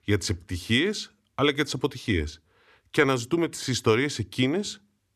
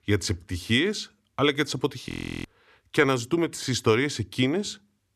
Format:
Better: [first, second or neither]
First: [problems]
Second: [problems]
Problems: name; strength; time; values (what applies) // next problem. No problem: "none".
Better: first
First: none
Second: audio freezing; at 2 s